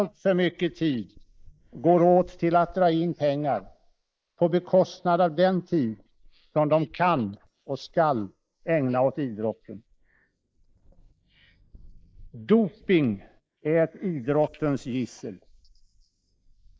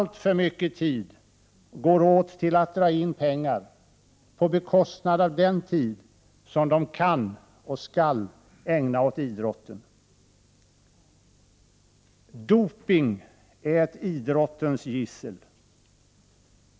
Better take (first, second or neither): second